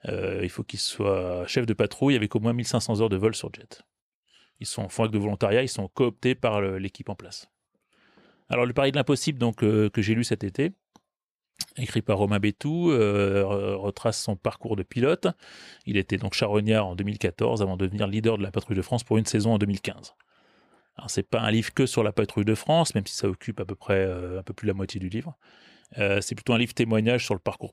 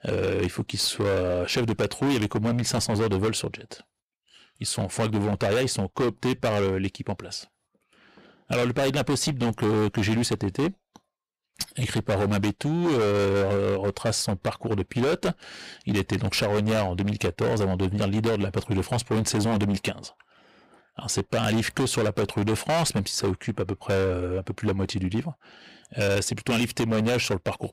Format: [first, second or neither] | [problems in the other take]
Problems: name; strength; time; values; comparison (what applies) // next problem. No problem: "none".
first | distortion; heavy; 19% of the sound clipped